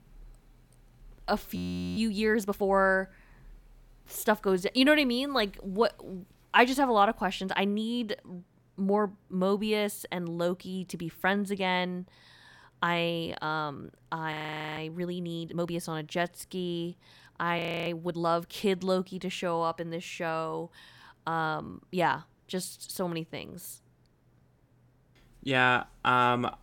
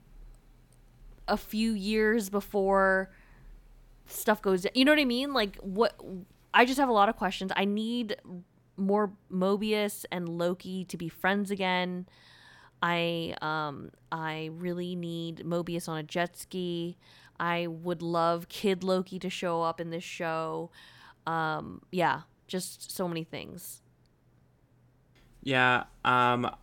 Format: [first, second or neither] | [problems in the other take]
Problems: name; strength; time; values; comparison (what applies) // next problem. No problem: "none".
second | audio freezing; at 1.5 s, at 14 s and at 18 s